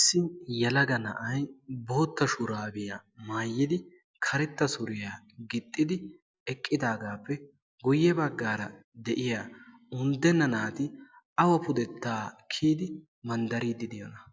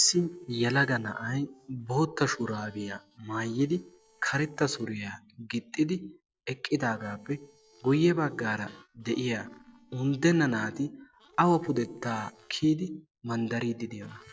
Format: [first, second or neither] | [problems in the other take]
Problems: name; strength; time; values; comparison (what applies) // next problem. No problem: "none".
first | noise reduction (neural separator model SepFormer DNS4)